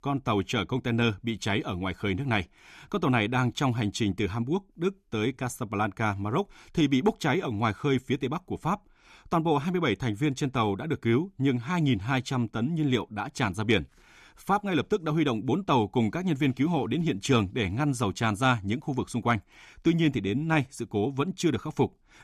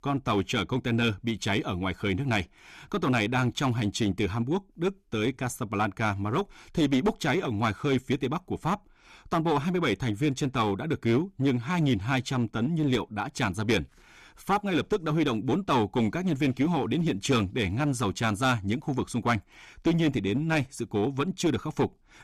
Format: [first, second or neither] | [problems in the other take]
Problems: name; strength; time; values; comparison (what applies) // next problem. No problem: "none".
first | distortion; slight; 6% of the sound clipped